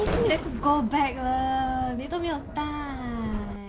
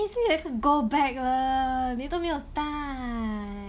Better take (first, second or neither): second